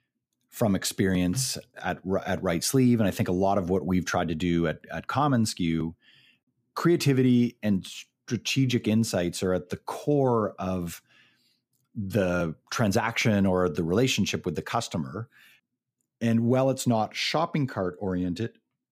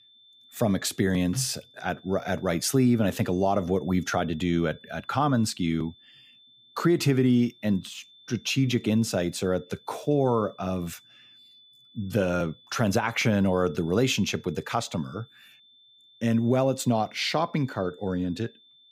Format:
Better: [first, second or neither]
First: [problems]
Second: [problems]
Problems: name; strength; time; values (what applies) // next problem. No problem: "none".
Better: first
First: none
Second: high-pitched whine; faint; throughout; 3.5 kHz, 25 dB below the speech